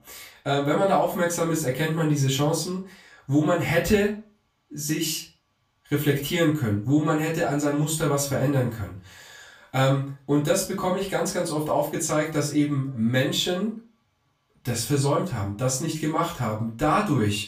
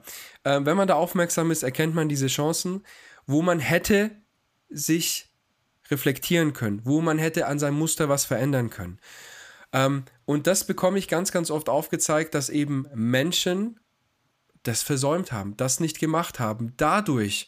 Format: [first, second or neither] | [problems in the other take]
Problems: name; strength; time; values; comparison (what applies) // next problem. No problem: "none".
second | off-mic speech; far // room echo; slight; dies away in 0.3 s